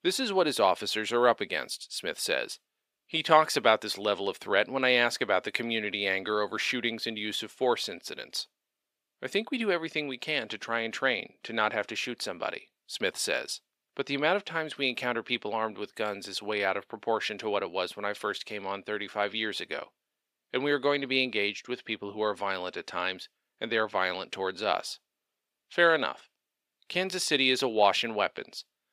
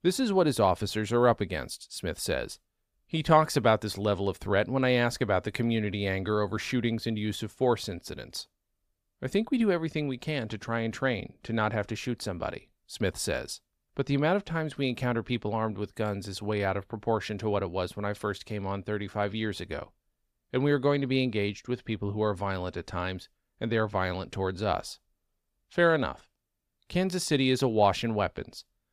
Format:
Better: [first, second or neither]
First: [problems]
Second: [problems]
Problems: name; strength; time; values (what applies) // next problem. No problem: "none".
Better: second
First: thin; somewhat; fading below 350 Hz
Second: none